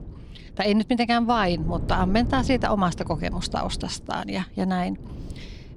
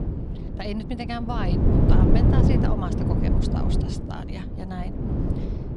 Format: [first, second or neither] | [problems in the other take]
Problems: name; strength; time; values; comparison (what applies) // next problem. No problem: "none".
first | wind noise on the microphone; heavy; 3 dB above the speech; occasional gusts in the first